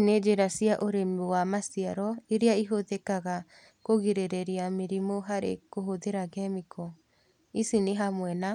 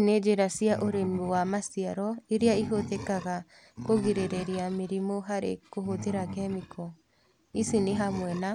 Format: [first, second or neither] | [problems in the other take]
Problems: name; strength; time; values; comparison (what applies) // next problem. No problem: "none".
first | background sound (Animal); 12 dB below the speech